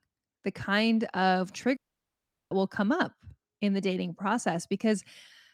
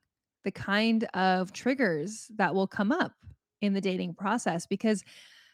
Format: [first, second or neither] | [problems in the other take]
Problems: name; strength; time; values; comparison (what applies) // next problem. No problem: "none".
second | audio cutting out; at 2 s for 0.5 s